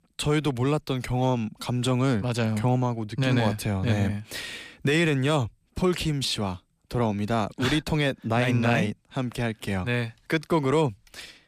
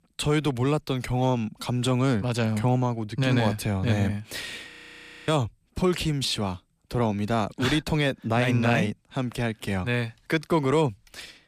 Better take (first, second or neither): first